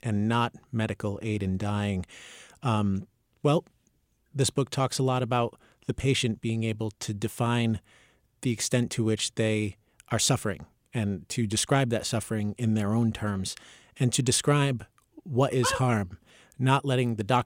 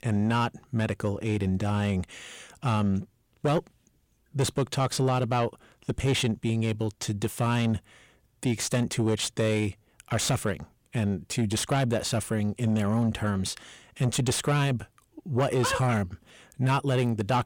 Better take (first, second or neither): first